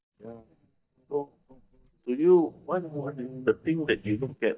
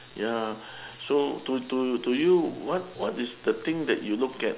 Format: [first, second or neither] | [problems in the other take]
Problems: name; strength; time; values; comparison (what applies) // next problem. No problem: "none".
second | noise reduction (neural mask model DeepFilterNet 3)